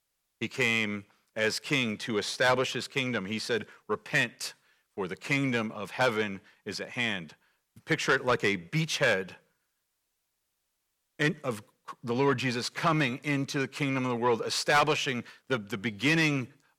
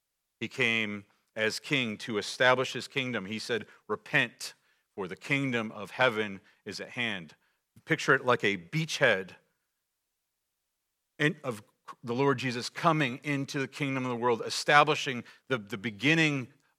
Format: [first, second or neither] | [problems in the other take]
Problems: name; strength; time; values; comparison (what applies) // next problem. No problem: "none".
second | distortion; slight; 10 dB below the speech